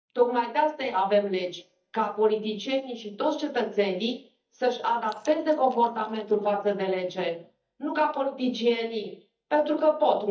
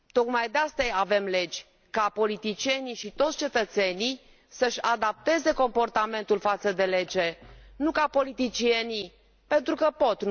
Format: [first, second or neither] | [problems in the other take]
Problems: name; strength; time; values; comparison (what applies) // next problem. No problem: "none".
second | noise reduction (neural mask model DeepFilterNet 3)